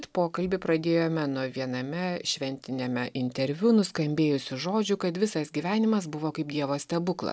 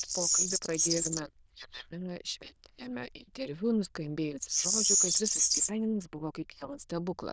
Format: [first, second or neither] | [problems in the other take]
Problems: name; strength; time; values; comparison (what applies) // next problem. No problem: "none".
first | noise reduction (neural diffusion model UNIVERSE++)